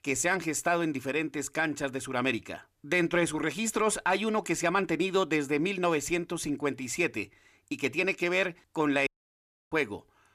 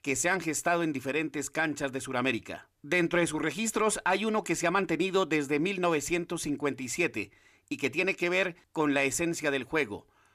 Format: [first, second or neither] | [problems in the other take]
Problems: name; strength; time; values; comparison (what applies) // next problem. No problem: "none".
second | audio cutting out; at 9 s for 0.5 s